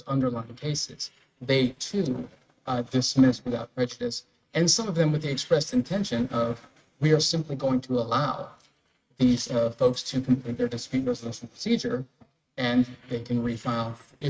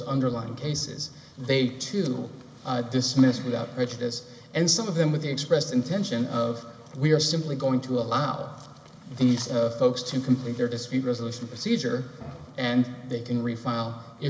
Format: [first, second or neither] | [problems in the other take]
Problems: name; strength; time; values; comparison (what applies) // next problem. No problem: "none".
second | noise reduction (neural mask model RNNoise)